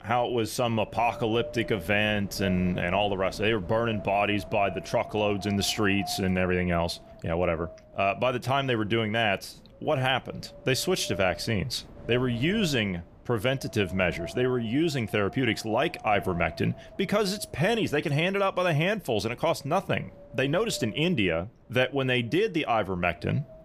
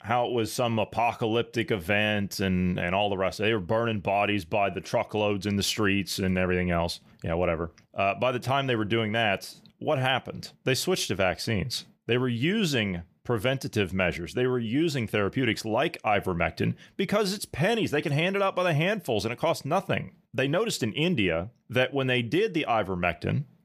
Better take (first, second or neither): second